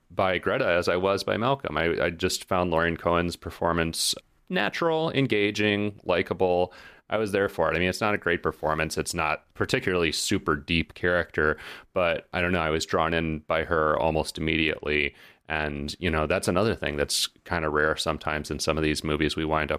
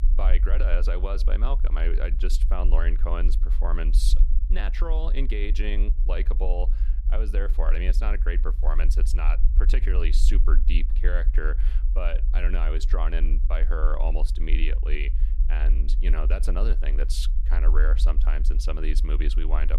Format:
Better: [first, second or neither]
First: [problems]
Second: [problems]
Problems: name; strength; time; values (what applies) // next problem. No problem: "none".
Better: first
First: none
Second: low rumble; noticeable; throughout; 15 dB below the speech